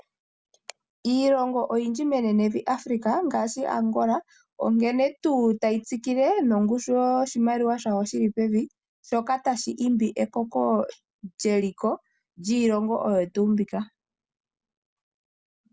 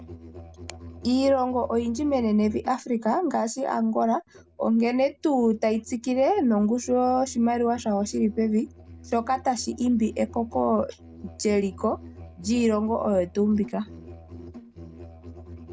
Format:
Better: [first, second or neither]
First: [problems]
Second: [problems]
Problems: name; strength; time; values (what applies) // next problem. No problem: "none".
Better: first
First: none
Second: background sound (Musical instrument); 19 dB below the speech